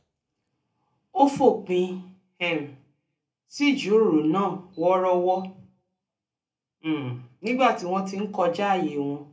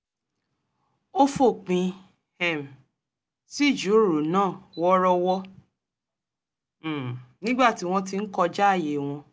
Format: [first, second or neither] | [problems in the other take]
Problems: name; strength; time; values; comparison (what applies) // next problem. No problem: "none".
second | room echo; dies away in 0.3 s